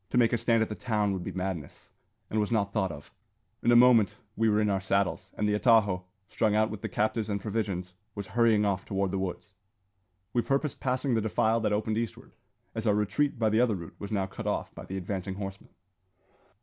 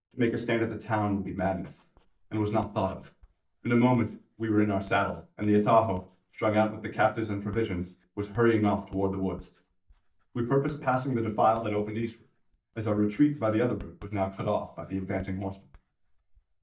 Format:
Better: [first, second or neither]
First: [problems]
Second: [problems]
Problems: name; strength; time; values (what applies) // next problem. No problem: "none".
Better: first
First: none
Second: noise reduction (neural mask model DeepFilterNet 3)